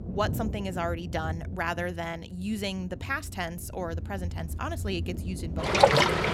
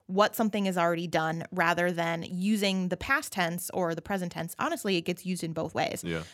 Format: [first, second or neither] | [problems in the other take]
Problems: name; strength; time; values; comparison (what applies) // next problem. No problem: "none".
second | rain or running water; very loud; throughout; 4 dB above the speech